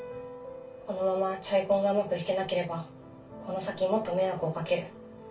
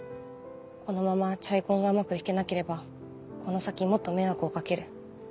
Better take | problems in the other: second | room echo; dies away in 0.2 s

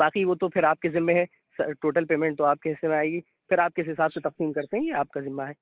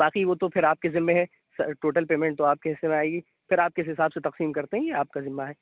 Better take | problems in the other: second | noise reduction (neural mask model Resemble Enhance denoiser)

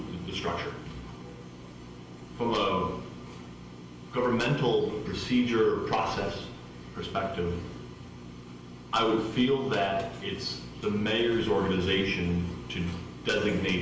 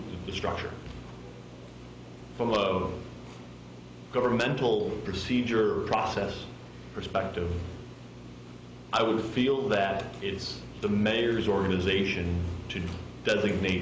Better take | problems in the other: second | room echo; dies away in 0.8 s

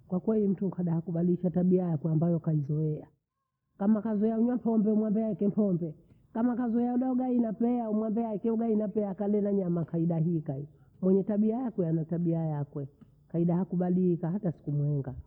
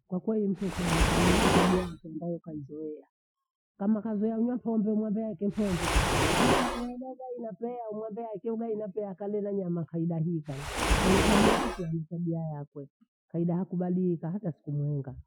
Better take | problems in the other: first | noise reduction (classical method Wiener filter)

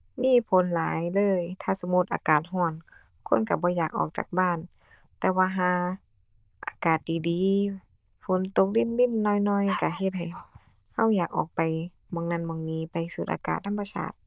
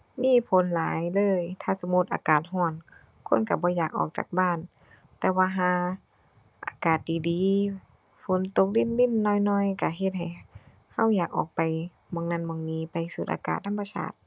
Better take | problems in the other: second | noise reduction (neural diffusion model UNIVERSE++)

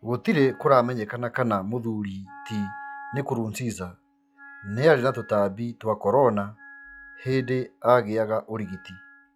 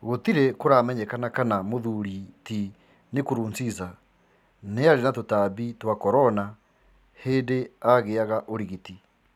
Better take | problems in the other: second | noise reduction (classical method log-MMSE)

